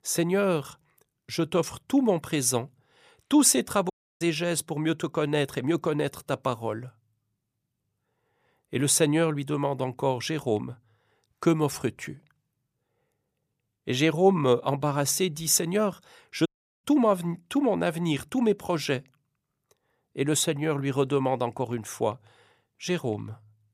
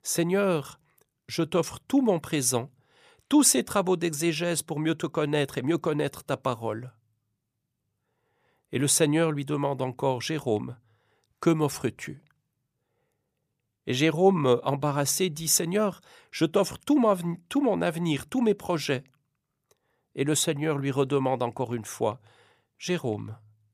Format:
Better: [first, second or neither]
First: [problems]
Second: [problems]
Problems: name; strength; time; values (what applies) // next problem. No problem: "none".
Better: second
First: audio cutting out; at 4 s and at 16 s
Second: none